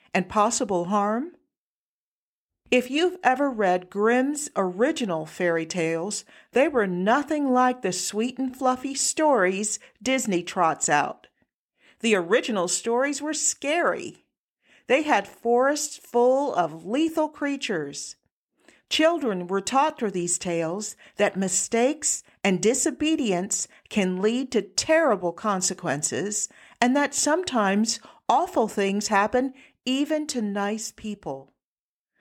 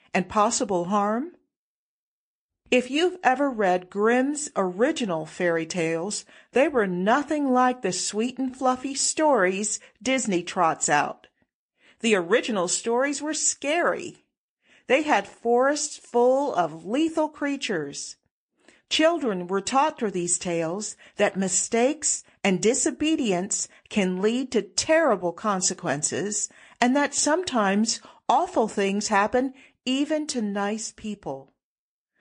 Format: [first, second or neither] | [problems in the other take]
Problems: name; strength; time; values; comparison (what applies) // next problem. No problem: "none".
first | garbled, watery; slightly; nothing above 8 kHz